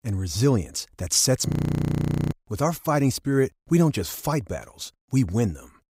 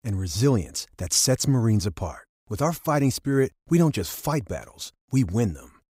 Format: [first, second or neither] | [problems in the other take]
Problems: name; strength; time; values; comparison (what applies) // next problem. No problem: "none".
second | audio freezing; at 1.5 s for 1 s